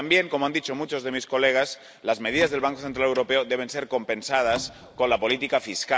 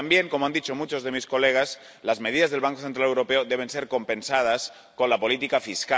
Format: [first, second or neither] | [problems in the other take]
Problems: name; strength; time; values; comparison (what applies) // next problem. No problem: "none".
second | background sound (Door); 17 dB below the speech